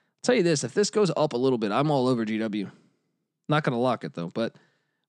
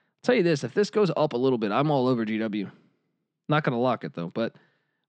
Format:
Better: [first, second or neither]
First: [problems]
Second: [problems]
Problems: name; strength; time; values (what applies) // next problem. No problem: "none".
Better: first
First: none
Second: muffled; very slightly; fading above 3 kHz